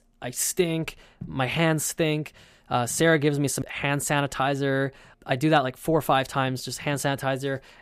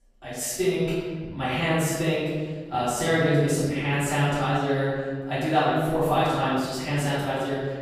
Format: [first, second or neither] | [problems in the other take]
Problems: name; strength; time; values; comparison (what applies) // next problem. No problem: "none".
first | off-mic speech; far // room echo; strong; dies away in 1.5 s